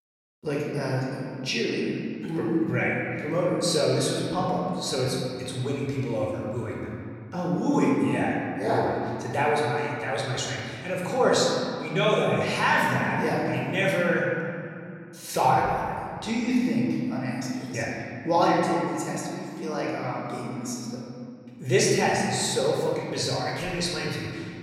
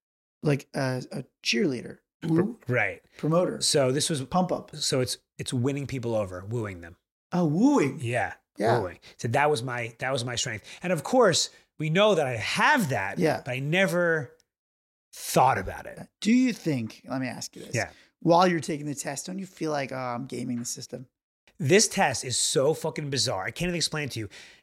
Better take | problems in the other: second | off-mic speech; far // room echo; noticeable; dies away in 2.4 s

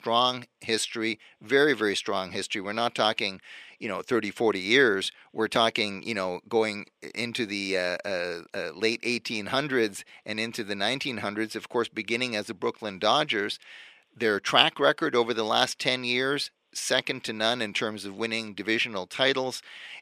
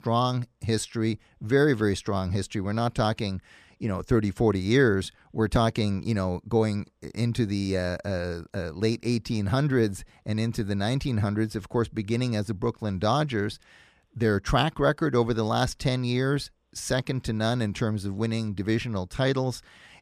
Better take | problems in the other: second | thin; somewhat; fading below 350 Hz

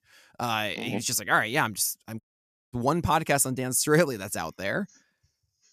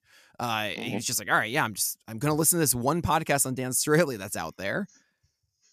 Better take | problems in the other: second | audio cutting out; at 2 s for 0.5 s

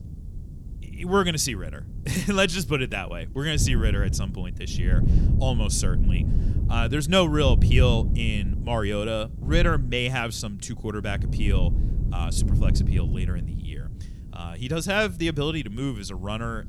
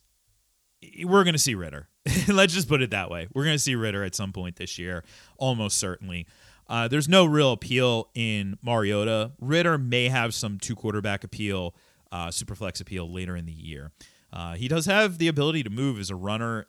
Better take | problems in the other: second | wind noise on the microphone; occasional gusts; 15 dB below the speech

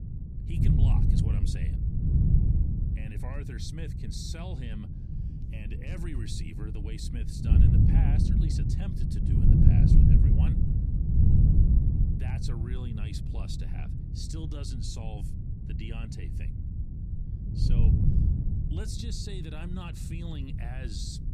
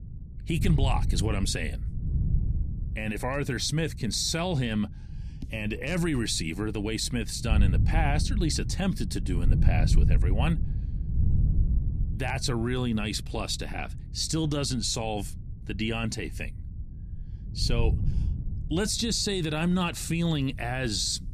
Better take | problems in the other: second | wind noise on the microphone; heavy; 4 dB above the speech; occasional gusts in the second

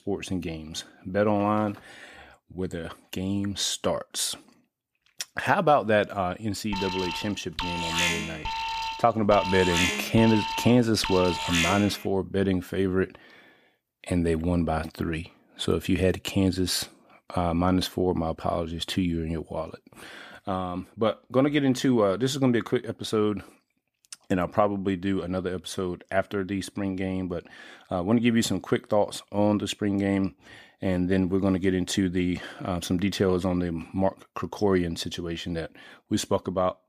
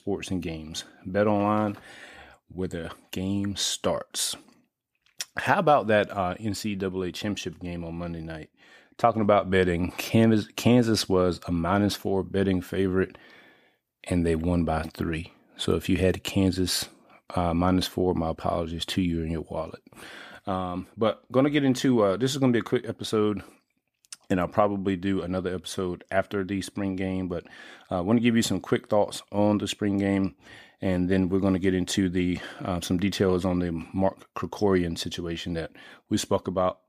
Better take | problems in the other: second | alarm; loud; from 6.5 to 12 s; peak 2 dB above the speech

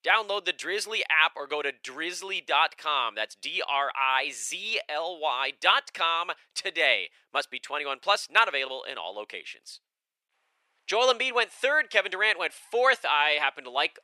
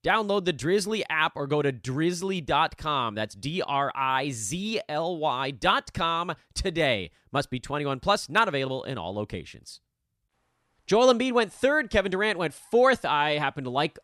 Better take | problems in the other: second | thin; very; fading below 500 Hz

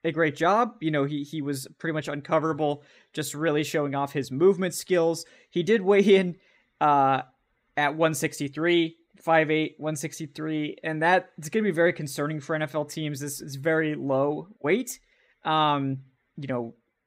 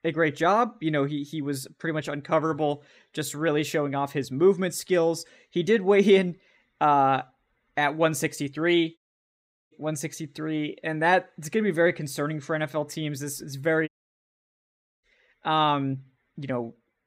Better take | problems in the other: first | audio cutting out; at 9 s for 0.5 s and at 14 s for 1 s

